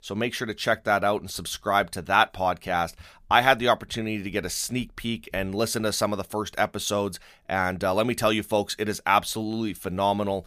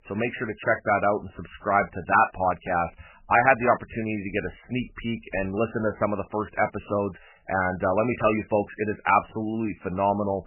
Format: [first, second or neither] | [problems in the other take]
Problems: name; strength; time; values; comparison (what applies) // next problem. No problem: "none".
first | garbled, watery; badly; nothing above 2.5 kHz